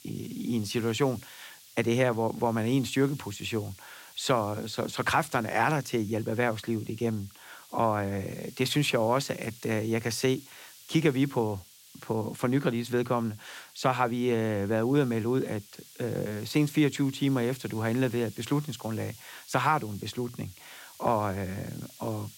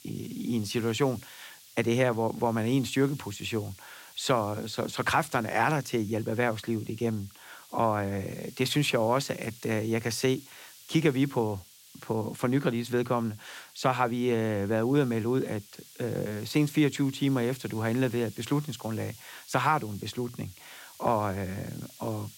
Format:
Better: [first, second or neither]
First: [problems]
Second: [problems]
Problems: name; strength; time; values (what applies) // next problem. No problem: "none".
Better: neither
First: hiss; faint; throughout; 20 dB below the speech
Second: hiss; faint; throughout; 20 dB below the speech